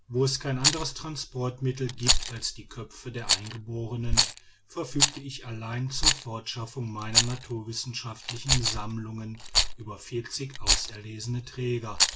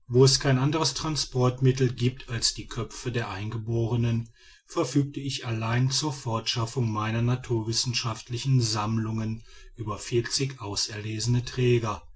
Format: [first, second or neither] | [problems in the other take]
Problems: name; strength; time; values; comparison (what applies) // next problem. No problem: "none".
second | background sound (Rattle); 4 dB above the speech